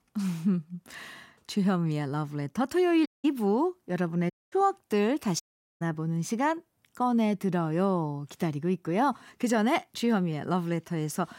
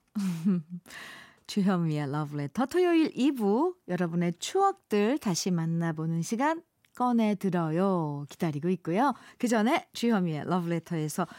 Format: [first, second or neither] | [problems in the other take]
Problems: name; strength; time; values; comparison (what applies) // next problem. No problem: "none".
second | audio cutting out; at 3 s, at 4.5 s and at 5.5 s